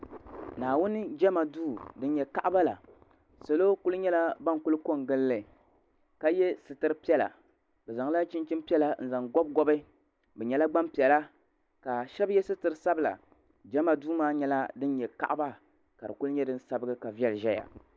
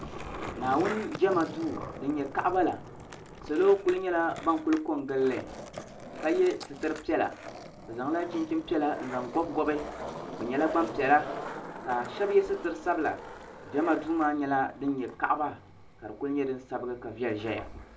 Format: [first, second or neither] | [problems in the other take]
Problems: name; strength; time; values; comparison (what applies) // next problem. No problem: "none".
first | background sound (Skateboard); 12 dB below the speech // room echo; dies away in 0.2 s